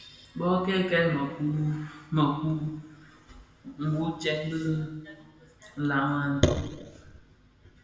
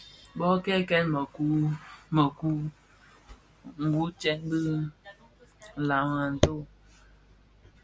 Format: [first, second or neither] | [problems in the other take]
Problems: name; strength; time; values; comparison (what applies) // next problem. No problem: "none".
second | room echo; dies away in 1.1 s